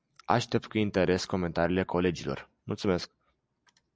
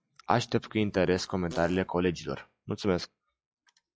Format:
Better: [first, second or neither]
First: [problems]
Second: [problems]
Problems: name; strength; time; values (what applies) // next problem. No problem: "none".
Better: first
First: none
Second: noise reduction (classical method log-MMSE)